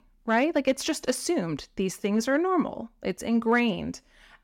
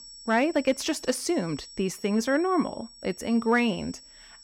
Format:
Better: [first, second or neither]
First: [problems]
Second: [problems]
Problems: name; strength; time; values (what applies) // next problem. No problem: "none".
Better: first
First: none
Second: high-pitched whine; noticeable; throughout; 5.5 kHz, 20 dB below the speech